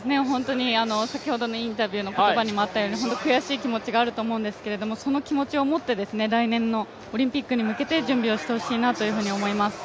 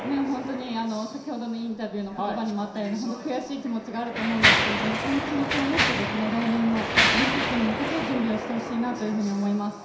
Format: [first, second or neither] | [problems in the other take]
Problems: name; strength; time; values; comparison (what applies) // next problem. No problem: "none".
first | background sound (Mechanisms); as loud as the speech // room echo; dies away in 0.7 s